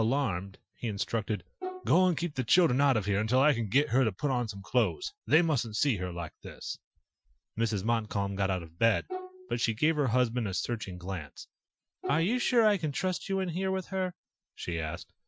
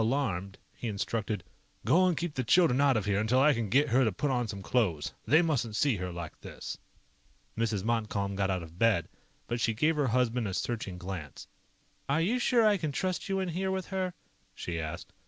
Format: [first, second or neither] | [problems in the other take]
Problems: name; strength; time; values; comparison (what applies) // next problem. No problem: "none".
second | noise reduction (classical method Wiener filter)